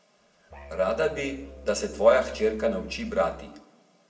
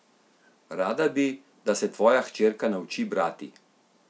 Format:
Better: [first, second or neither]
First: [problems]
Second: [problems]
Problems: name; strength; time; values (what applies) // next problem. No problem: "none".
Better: second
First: background sound (Musical instrument); 17 dB below the speech // room echo; dies away in 0.6 s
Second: none